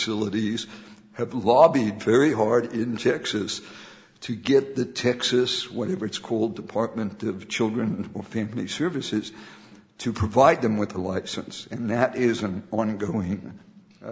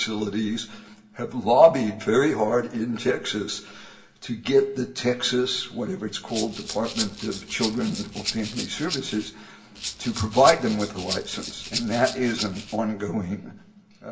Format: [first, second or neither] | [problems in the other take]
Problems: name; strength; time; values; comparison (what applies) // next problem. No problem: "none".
first | background sound (Rattle (instrument)); 10 dB below the speech // room echo; dies away in 0.2 s